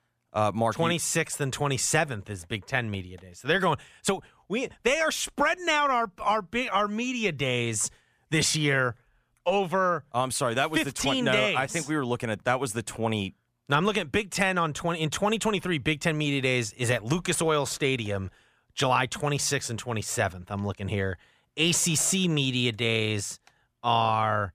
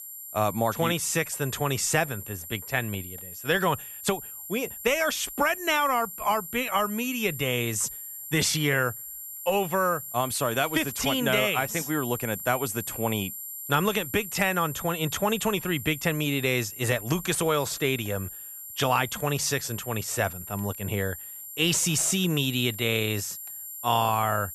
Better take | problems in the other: first | high-pitched whine; loud; throughout; 11.5 kHz, 10 dB below the speech

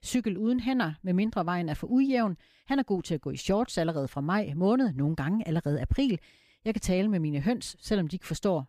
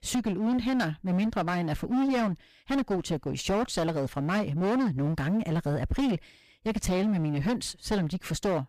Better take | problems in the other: first | distortion; heavy; 21% of the sound clipped

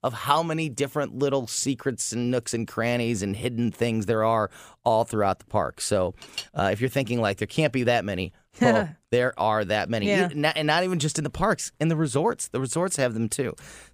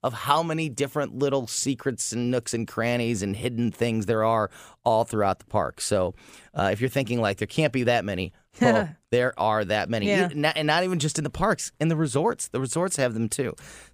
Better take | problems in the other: second | clattering dishes; faint; at 6 s; peak 10 dB below the speech

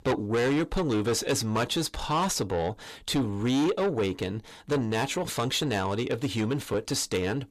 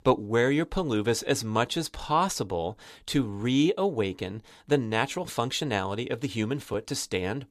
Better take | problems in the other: second | distortion; heavy; 7 dB below the speech

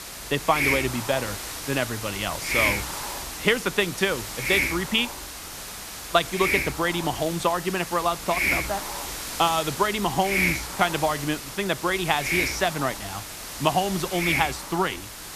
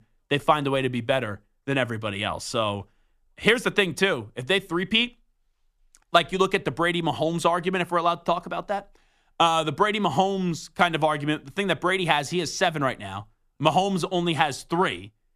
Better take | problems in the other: second | hiss; loud; throughout; 3 dB below the speech

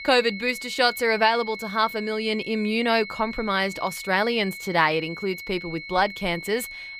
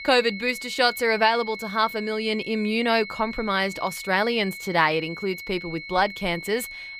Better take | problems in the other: neither | high-pitched whine; noticeable; throughout; 2 kHz, 10 dB below the speech; the same in both

